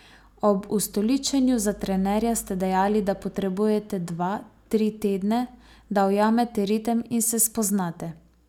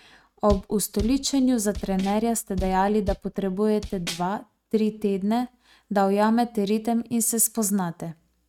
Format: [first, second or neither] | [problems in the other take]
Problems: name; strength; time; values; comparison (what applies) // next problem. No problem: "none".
first | noise reduction (neural mask model RNNoise)